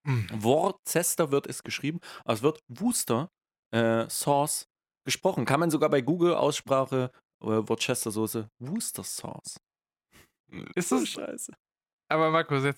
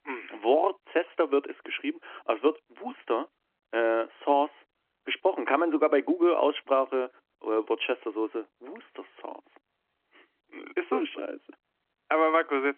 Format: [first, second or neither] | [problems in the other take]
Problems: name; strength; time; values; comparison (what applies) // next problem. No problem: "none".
first | phone-call audio; nothing above 3 kHz